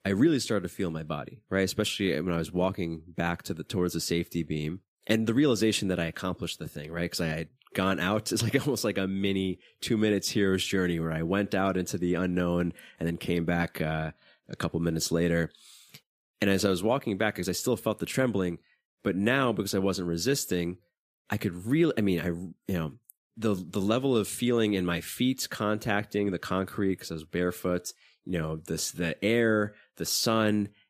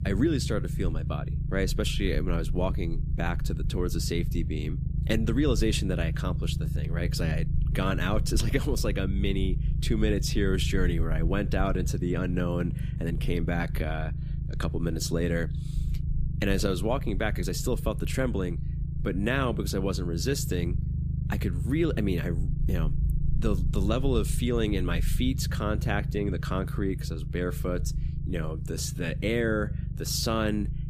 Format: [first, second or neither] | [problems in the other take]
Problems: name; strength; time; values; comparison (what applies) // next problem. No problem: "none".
first | low rumble; noticeable; throughout; 10 dB below the speech